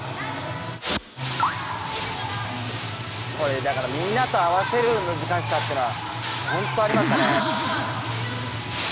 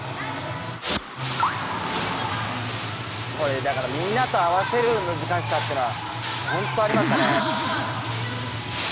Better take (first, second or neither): first